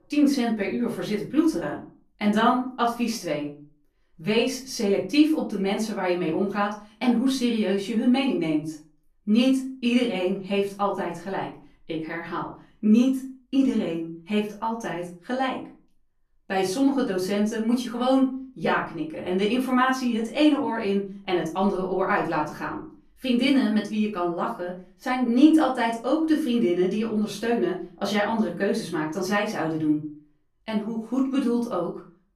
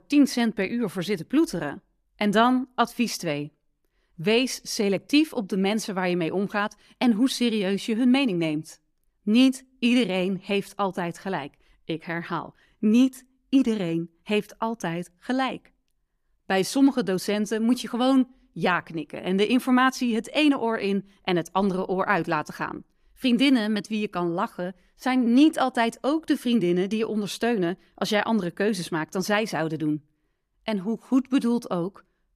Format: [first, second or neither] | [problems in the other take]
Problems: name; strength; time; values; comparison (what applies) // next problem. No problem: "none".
second | off-mic speech; far // room echo; slight; dies away in 0.3 s